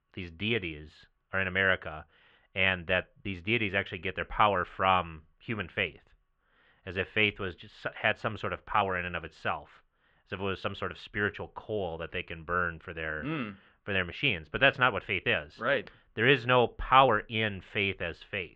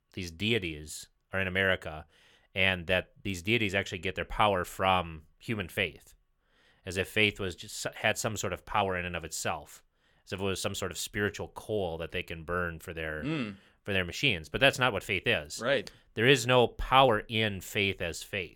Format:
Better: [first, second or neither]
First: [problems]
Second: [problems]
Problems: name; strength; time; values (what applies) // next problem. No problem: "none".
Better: second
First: muffled; very; fading above 3 kHz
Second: none